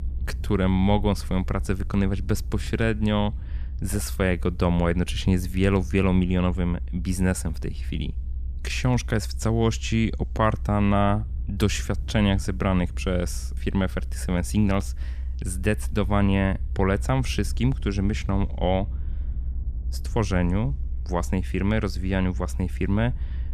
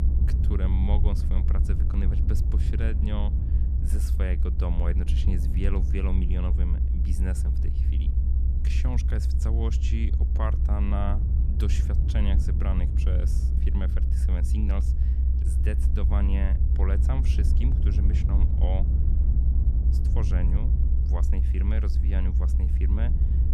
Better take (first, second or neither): first